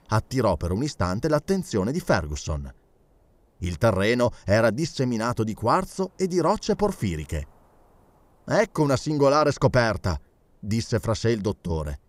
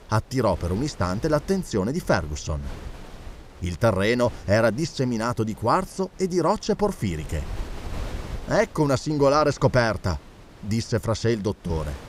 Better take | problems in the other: first | wind noise on the microphone; occasional gusts; 20 dB below the speech

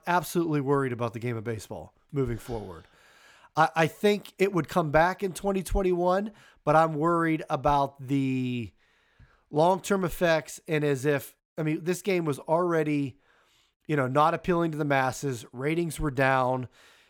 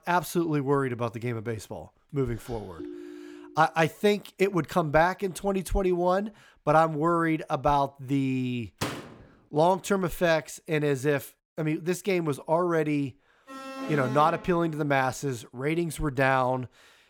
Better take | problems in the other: first | phone ringing; faint; at 3 s; peak 15 dB below the speech // door banging; noticeable; at 9 s; peak 7 dB below the speech // alarm; noticeable; from 13 to 15 s; peak 8 dB below the speech

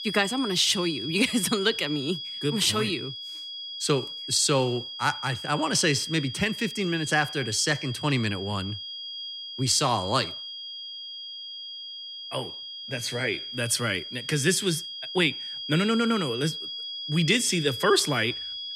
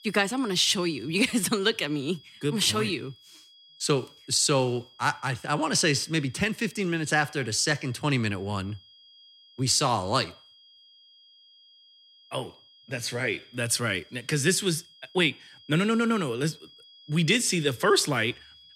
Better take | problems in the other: second | high-pitched whine; loud; throughout; 3.5 kHz, 8 dB below the speech; faint in the second

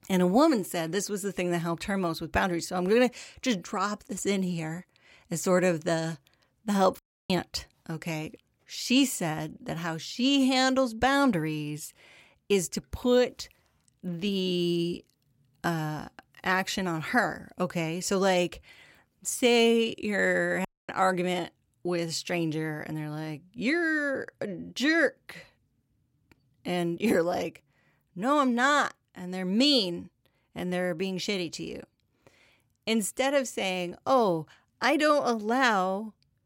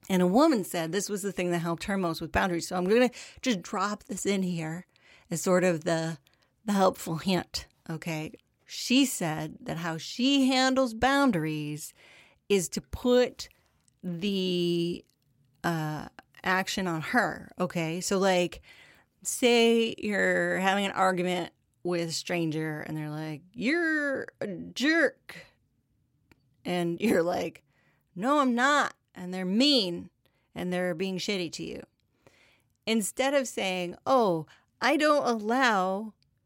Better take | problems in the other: second | audio cutting out; at 7 s and at 21 s

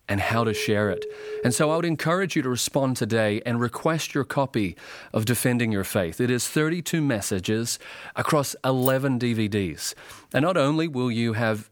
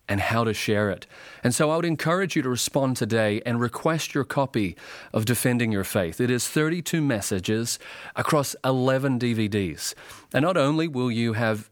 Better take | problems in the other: second | alarm; noticeable; until 2 s; peak 9 dB below the speech // jangling keys; noticeable; at 9 s; peak 8 dB below the speech

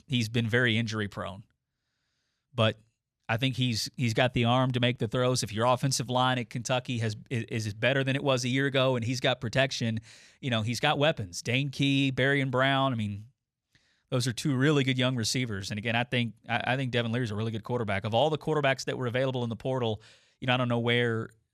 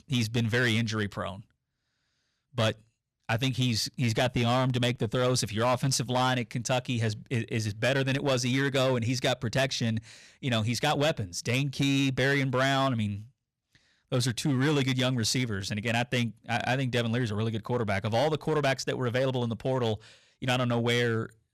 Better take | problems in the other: first | distortion; slight; 8% of the sound clipped

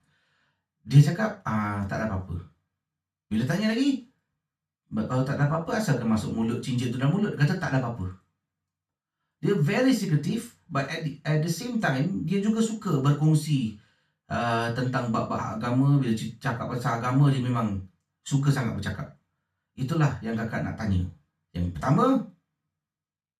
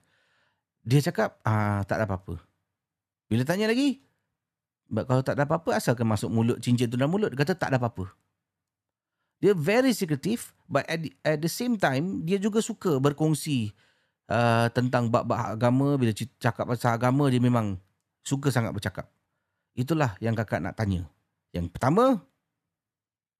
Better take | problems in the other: second | room echo; slight; dies away in 0.3 s // off-mic speech; far

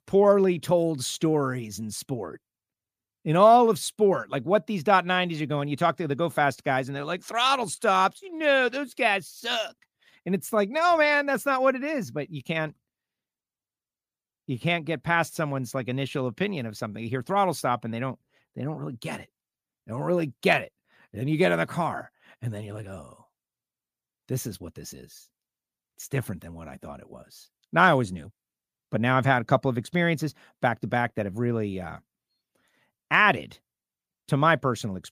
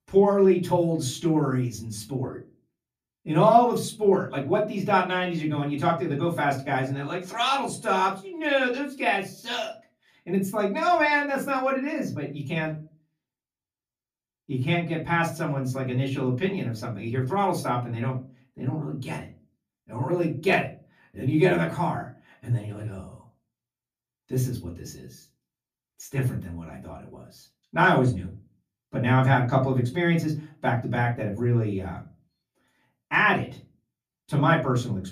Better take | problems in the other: first | off-mic speech; far // room echo; very slight; dies away in 0.3 s

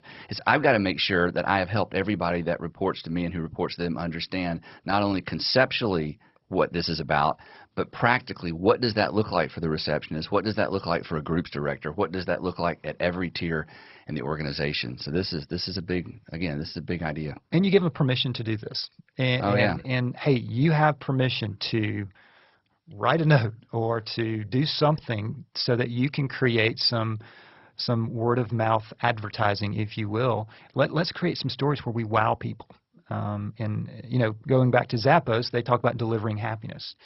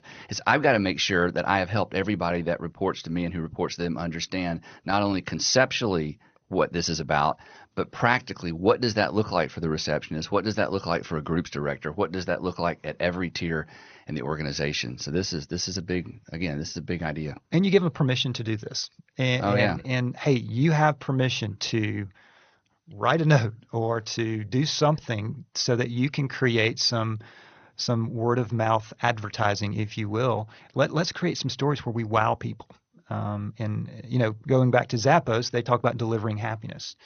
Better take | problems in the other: second | garbled, watery; badly; nothing above 5.5 kHz; slightly in the second

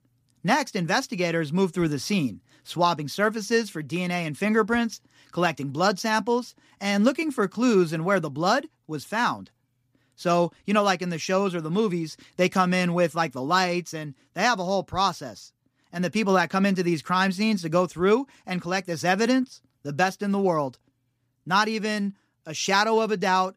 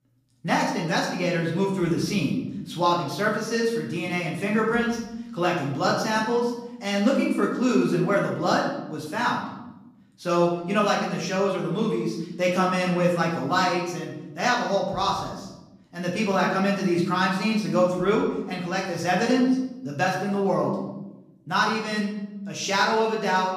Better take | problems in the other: first | room echo; noticeable; dies away in 0.9 s // off-mic speech; far

